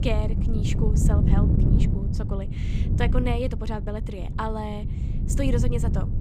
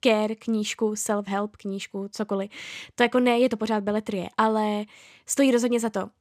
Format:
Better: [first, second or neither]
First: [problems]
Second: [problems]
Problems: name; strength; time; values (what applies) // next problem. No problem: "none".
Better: second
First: wind noise on the microphone; heavy; 4 dB below the speech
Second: none